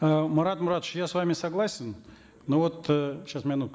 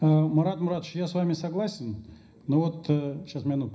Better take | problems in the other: first | room echo; dies away in 0.5 s

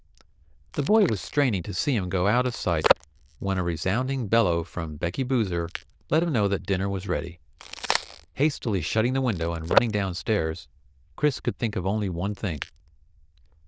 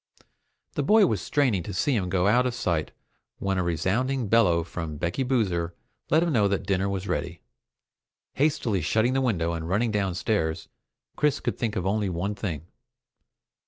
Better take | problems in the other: second | noise reduction (neural diffusion model UNIVERSE++)

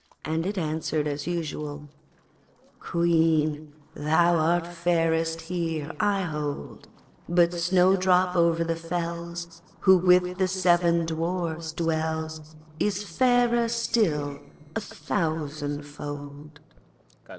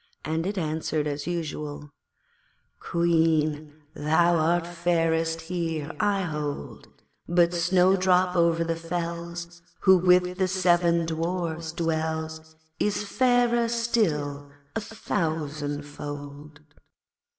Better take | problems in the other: second | noise reduction (neural separator model SepFormer DNS4)

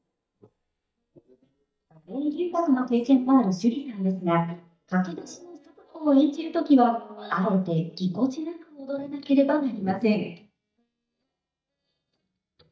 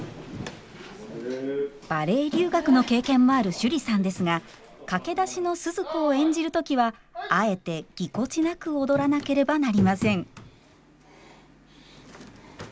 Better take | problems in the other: second | noise reduction (neural mask model DeepFilterNet 3)

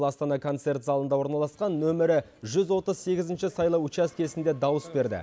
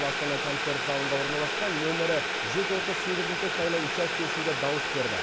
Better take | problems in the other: first | background sound (Boiling); 2 dB above the speech

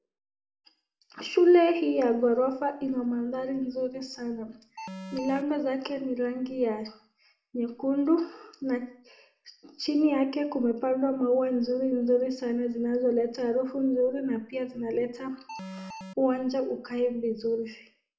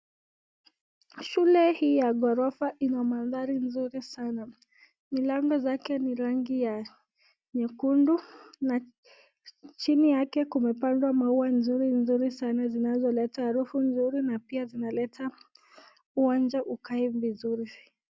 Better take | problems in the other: second | background sound (Alarm); 12 dB below the speech // room echo; dies away in 0.5 s

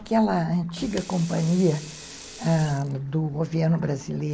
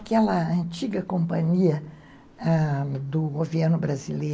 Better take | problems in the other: second | background sound (Sink (filling or washing) / Water tap, faucet); 19 dB below the speech

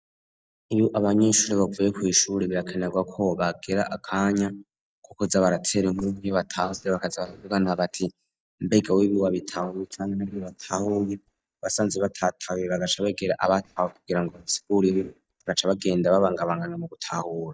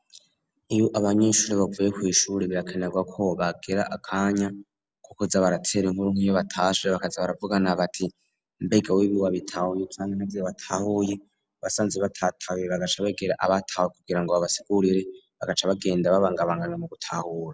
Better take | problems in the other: second | noise reduction (neural mask model DeepFilterNet 3)

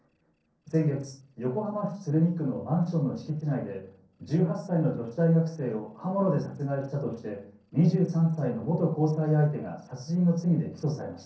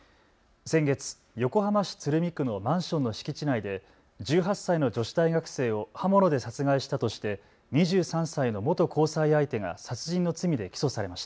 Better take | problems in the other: second | noise reduction (neural separator model SepFormer DNS4)

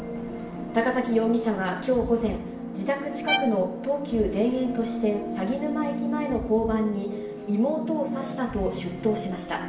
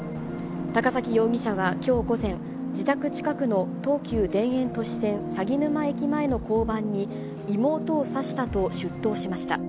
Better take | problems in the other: second | background sound (Bowed string instrument); 9 dB below the speech // room echo; dies away in 0.8 s

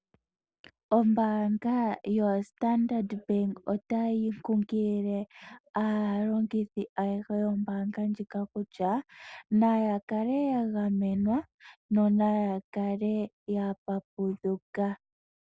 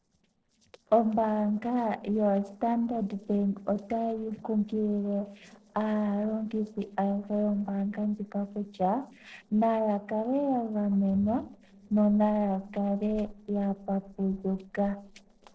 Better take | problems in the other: first | noise reduction (neural separator model SepFormer DNS4)

